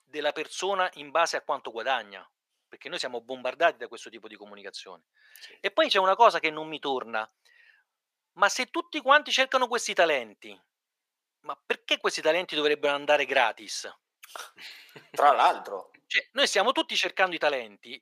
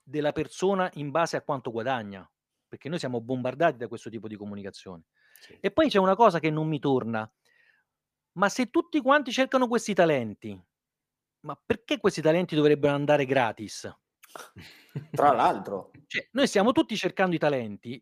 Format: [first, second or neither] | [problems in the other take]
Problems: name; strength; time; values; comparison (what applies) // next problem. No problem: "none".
second | thin; somewhat; fading below 600 Hz